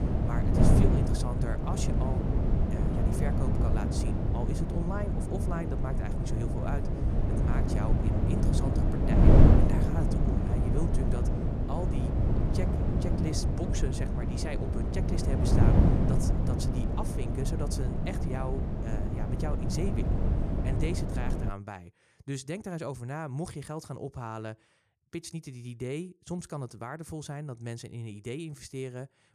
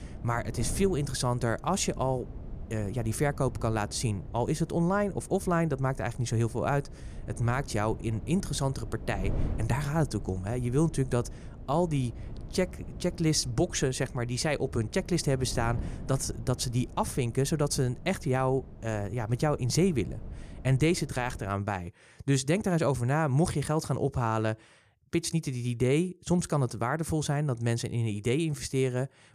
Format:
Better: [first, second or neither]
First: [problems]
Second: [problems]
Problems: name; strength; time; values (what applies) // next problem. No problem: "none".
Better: second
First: wind noise on the microphone; heavy; until 21 s; 4 dB above the speech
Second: wind noise on the microphone; occasional gusts; until 21 s; 20 dB below the speech